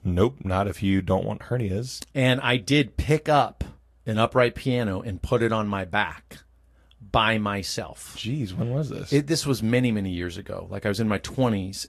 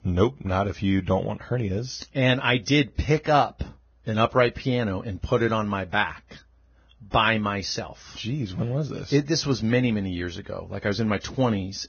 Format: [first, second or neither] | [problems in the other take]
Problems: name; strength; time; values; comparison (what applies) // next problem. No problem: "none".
first | garbled, watery; badly; nothing above 6.5 kHz; slightly in the first